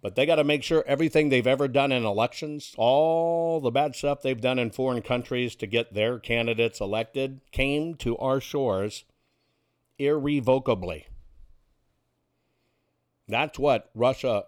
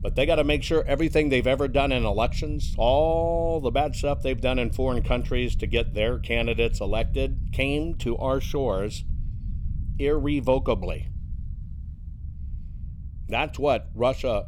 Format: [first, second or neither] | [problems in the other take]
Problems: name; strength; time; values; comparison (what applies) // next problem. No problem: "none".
first | low rumble; faint; throughout; 25 dB below the speech